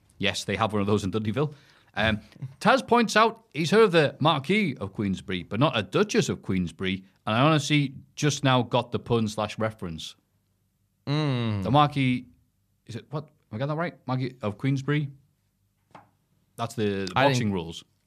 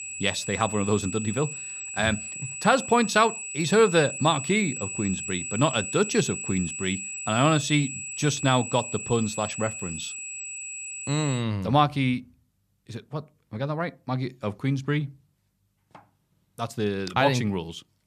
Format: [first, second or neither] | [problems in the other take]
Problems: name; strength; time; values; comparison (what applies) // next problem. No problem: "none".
first | high-pitched whine; loud; until 11 s; 8 kHz, 7 dB below the speech